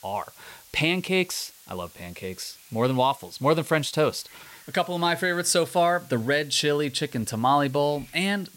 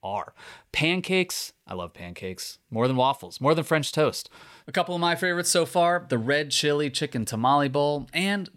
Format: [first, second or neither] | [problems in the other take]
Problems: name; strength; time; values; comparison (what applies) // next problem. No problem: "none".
second | hiss; faint; throughout; 25 dB below the speech